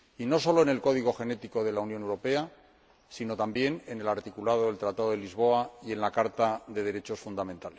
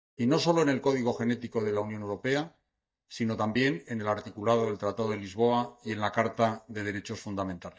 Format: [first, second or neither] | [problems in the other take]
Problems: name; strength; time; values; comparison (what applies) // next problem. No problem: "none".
first | noise reduction (neural mask model DeepFilterNet 3)